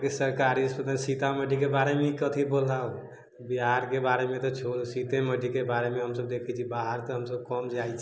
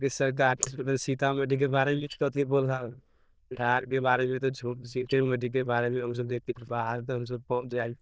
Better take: first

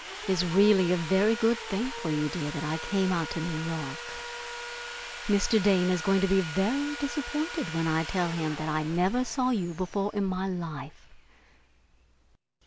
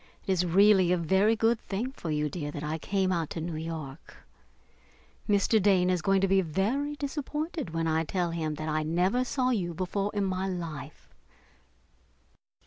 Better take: second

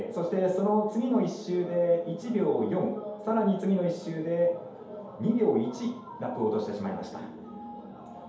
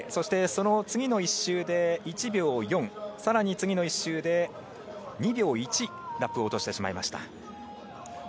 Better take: second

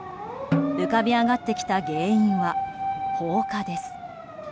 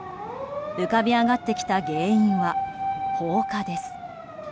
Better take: second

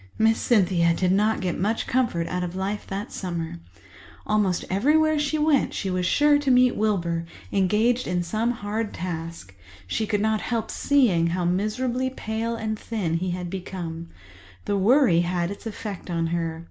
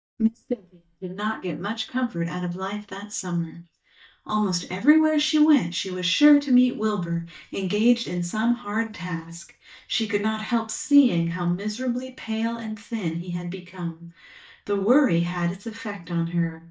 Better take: first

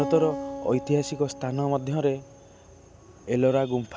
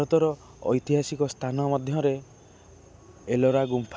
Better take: second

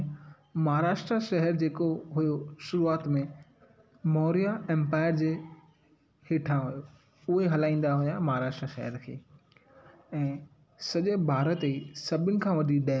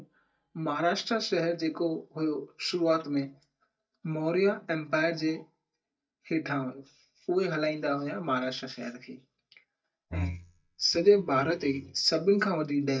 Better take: first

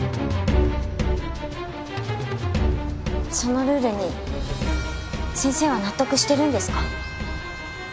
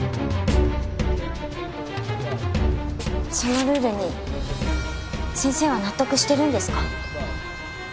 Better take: first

